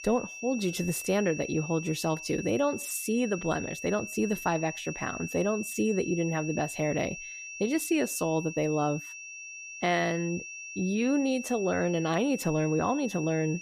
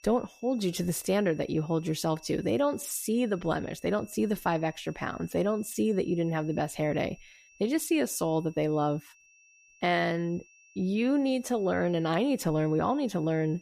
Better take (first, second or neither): second